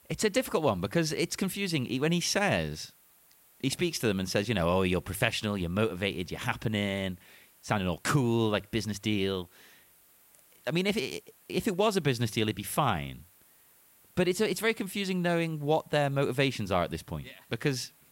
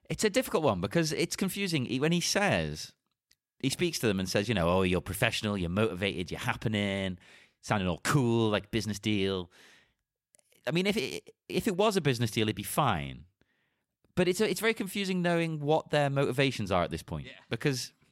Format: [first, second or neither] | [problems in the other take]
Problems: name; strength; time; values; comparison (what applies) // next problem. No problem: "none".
second | hiss; faint; throughout; 30 dB below the speech